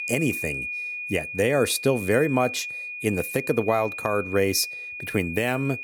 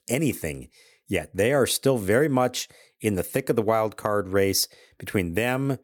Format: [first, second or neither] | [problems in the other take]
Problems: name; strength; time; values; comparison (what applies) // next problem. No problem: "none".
second | high-pitched whine; loud; throughout; 2.5 kHz, 7 dB below the speech